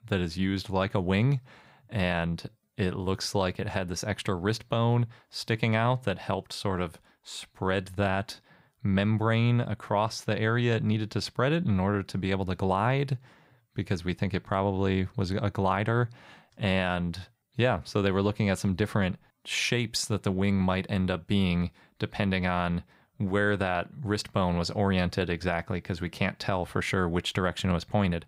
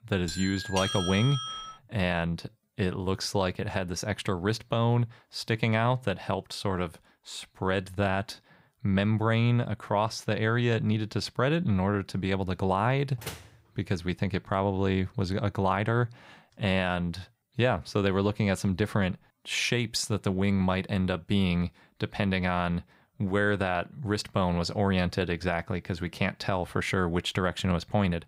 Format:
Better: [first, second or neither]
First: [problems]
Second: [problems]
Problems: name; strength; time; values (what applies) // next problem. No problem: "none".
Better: first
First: none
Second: doorbell; noticeable; until 1.5 s; peak 2 dB below the speech // door banging; faint; at 13 s; peak 10 dB below the speech